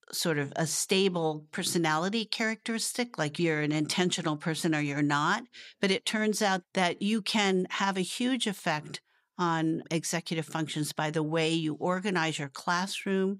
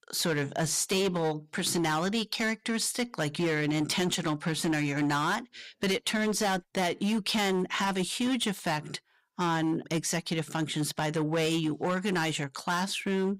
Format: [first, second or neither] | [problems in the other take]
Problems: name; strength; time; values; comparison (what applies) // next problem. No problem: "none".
first | distortion; slight; 14% of the sound clipped